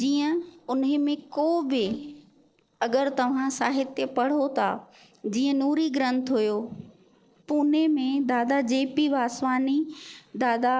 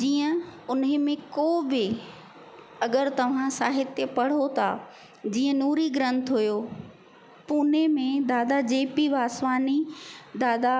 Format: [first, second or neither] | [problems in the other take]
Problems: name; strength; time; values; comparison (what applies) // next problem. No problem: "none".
second | noise reduction (neural separator model SepFormer DNS4)